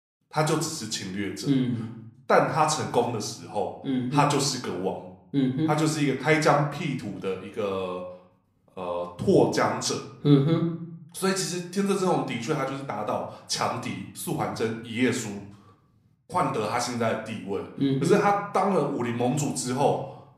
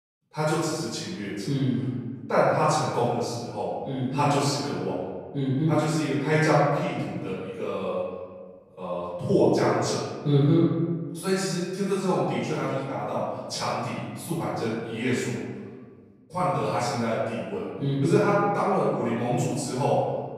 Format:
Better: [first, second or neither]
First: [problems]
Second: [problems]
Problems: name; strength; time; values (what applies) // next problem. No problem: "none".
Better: first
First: room echo; slight; dies away in 0.5 s // off-mic speech; somewhat distant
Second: room echo; strong; dies away in 1.4 s // off-mic speech; far